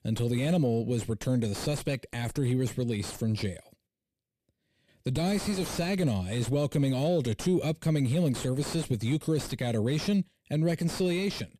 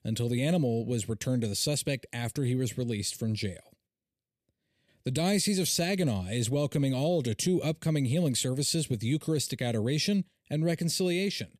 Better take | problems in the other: second | distortion; slight; 8 dB below the speech

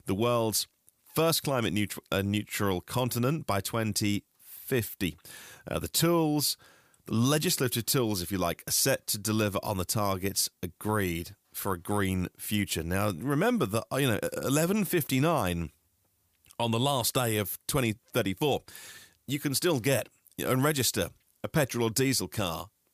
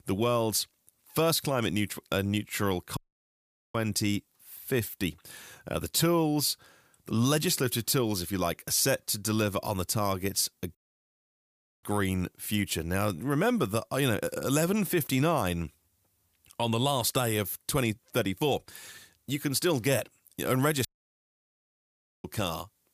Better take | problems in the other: first | audio cutting out; at 3 s for 1 s, at 11 s for 1 s and at 21 s for 1.5 s

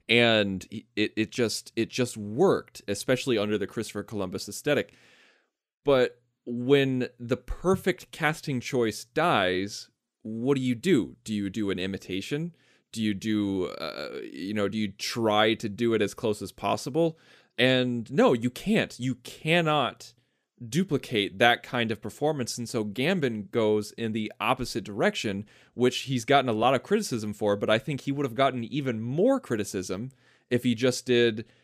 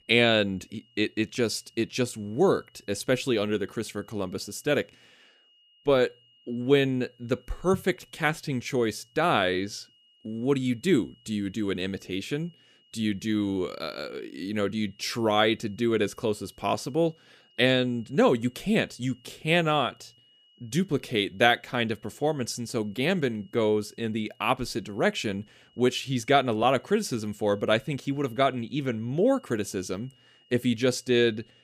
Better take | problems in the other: first | high-pitched whine; faint; throughout; 3 kHz, 35 dB below the speech

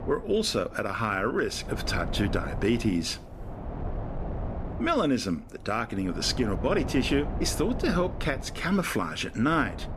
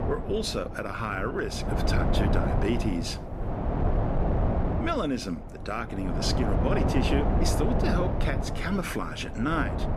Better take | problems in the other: first | wind noise on the microphone; heavy; 2 dB below the speech; occasional gusts in the first

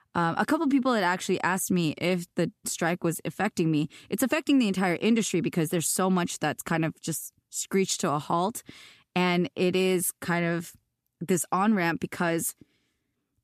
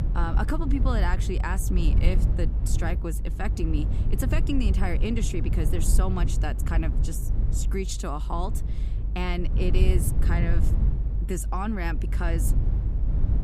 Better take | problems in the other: first | low rumble; loud; throughout; 9 dB below the speech

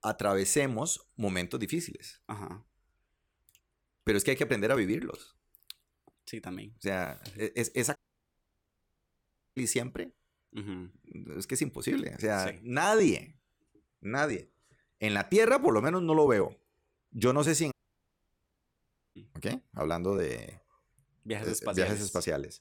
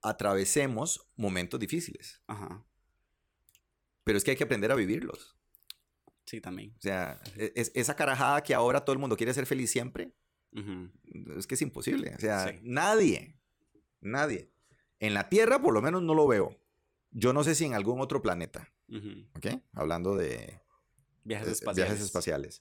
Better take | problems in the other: second | audio cutting out; at 8 s for 1.5 s and at 18 s for 1.5 s

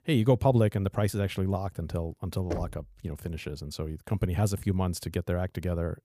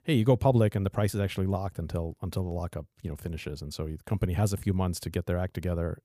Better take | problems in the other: second | door banging; noticeable; at 2.5 s; peak 8 dB below the speech

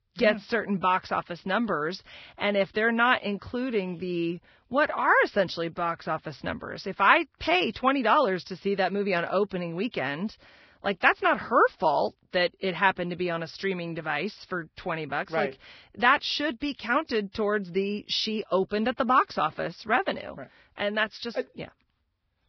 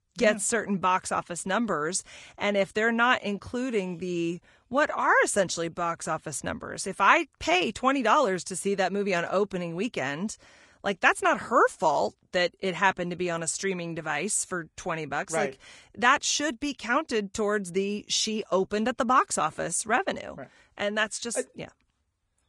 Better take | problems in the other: second | garbled, watery; badly; nothing above 5.5 kHz; slightly in the second

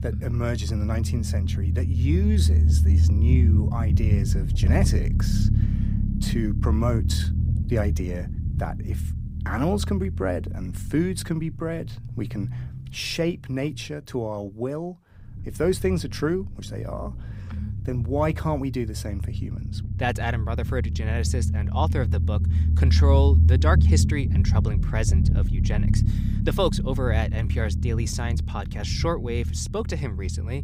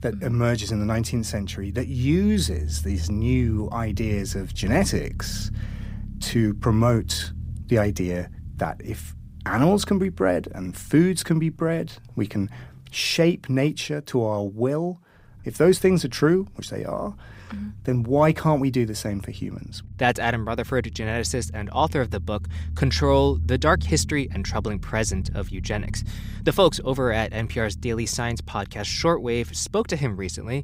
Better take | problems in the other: second | low rumble; loud; throughout; 8 dB below the speech; faint in the second

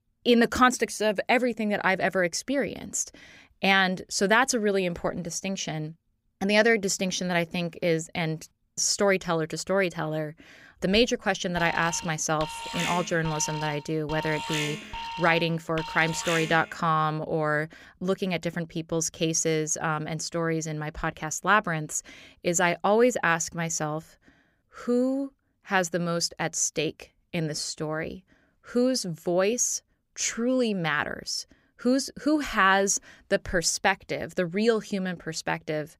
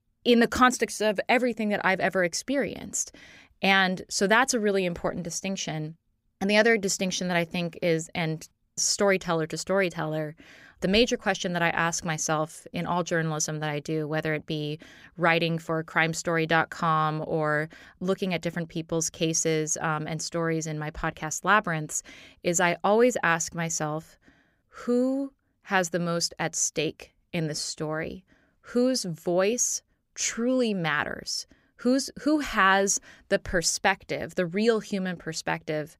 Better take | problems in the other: second | alarm; noticeable; from 12 to 17 s; peak 4 dB below the speech

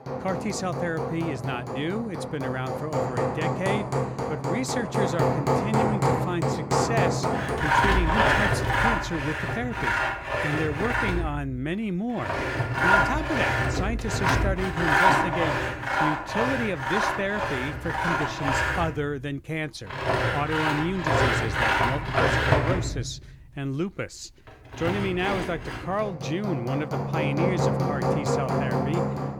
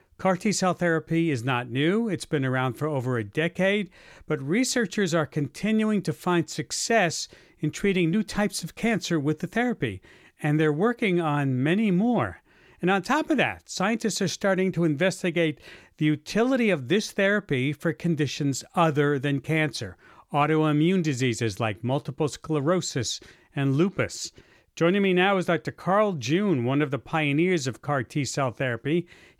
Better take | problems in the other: second | machinery noise; very loud; throughout; 5 dB above the speech

